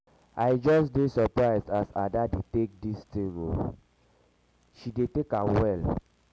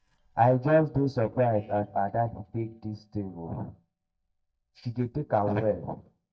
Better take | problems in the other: first | noise reduction (neural mask model DeepFilterNet 3)

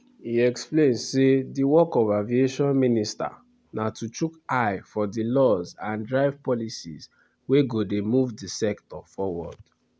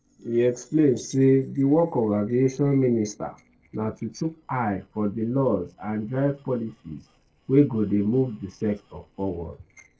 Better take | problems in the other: first | noise reduction (neural separator model SepFormer DNS4)

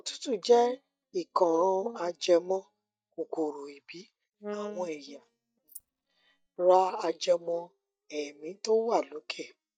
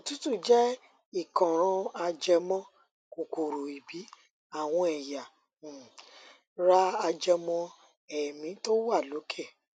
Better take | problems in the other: second | noise reduction (neural mask model DeepFilterNet 3)

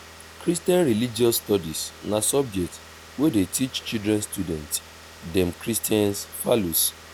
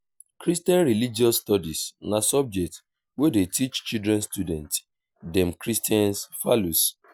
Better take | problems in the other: second | background sound (Car); 19 dB below the speech

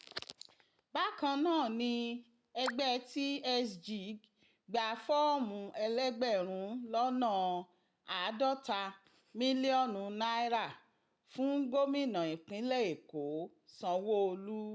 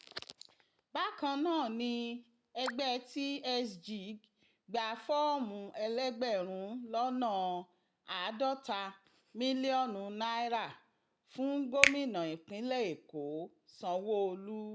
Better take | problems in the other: first | background sound (Finger snapping); as loud as the speech

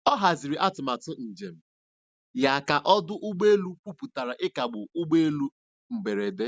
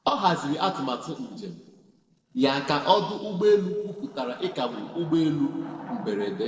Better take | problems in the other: first | noise reduction (neural separator model SepFormer DNS4)

